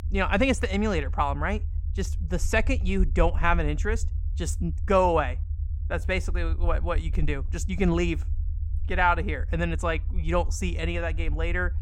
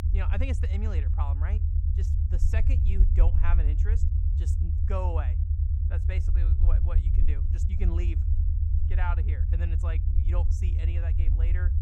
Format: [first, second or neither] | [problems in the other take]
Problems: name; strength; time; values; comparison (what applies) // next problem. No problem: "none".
first | low rumble; loud; throughout; 3 dB below the speech; faint in the first